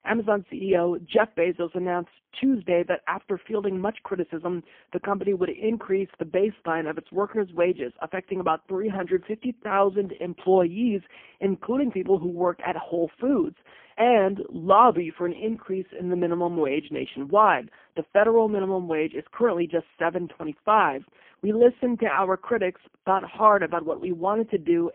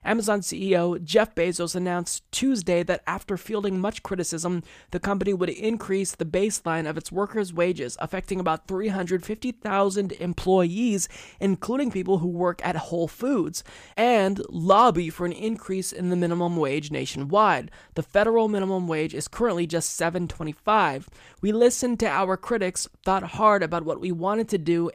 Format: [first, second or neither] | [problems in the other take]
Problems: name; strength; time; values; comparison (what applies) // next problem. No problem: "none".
second | phone-call audio; poor line; nothing above 3 kHz